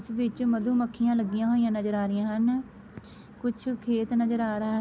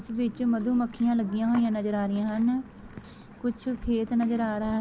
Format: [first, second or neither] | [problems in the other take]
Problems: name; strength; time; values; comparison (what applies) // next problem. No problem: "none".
first | background sound (Livestock, farm animals, working animals); 19 dB below the speech